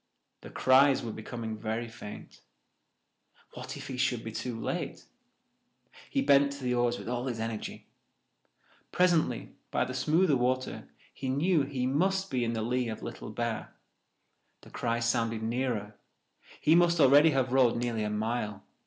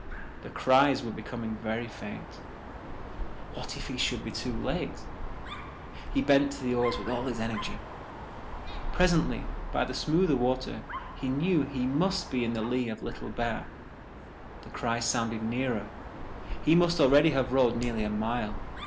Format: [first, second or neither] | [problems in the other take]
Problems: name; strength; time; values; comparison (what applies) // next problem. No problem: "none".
first | background sound (Dog); 8 dB below the speech